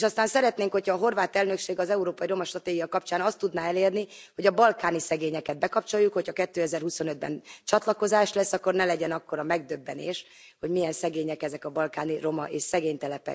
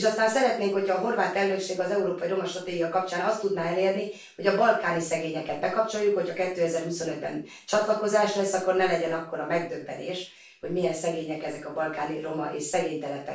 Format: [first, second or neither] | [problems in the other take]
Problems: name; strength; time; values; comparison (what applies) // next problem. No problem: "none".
first | room echo; dies away in 0.3 s